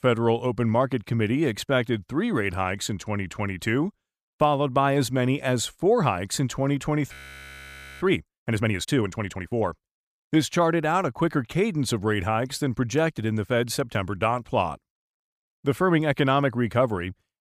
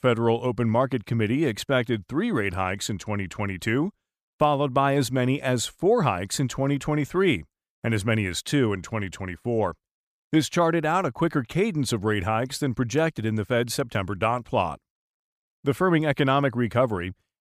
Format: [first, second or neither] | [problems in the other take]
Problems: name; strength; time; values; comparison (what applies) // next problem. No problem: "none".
second | audio freezing; at 7 s for 1 s